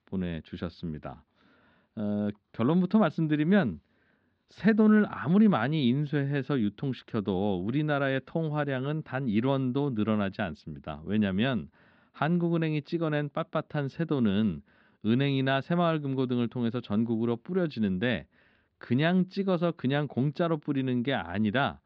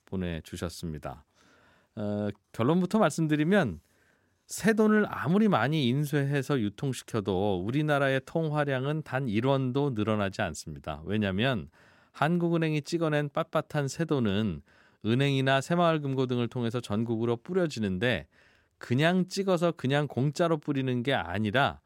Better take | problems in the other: second | muffled; slightly; fading above 4 kHz

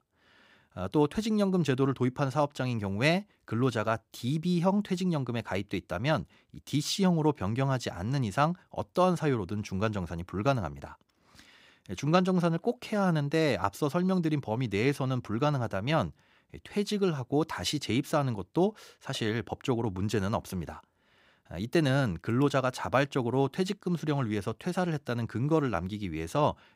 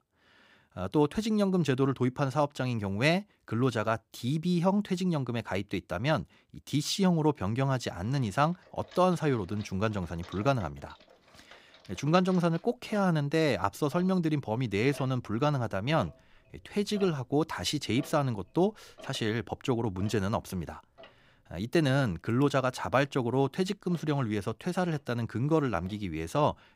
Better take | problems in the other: first | household noises; faint; from 8 s on; 25 dB below the speech

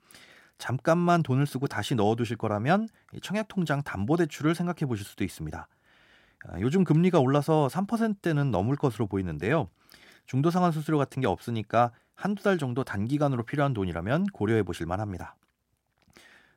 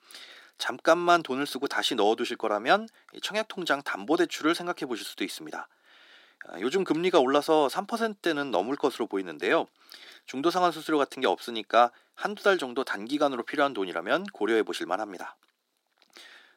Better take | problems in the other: first | thin; somewhat; fading below 300 Hz

